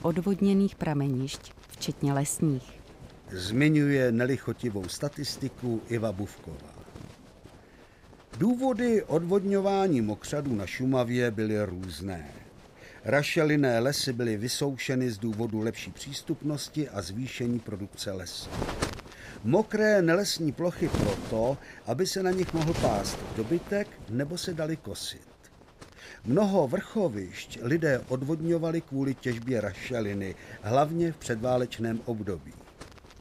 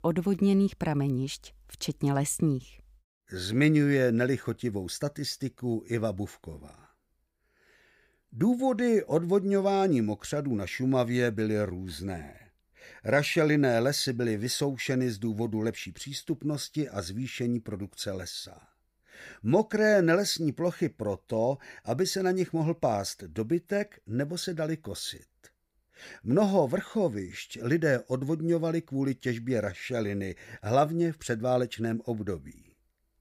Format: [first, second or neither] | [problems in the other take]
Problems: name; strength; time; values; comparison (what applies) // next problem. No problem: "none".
second | wind noise on the microphone; occasional gusts; 15 dB below the speech